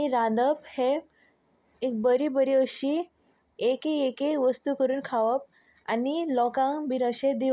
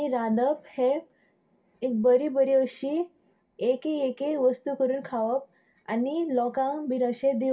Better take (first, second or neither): first